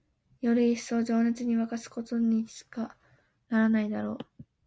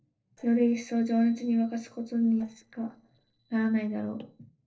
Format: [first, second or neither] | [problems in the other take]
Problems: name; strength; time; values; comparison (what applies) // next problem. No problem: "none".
first | noise reduction (neural separator model SepFormer DNS4)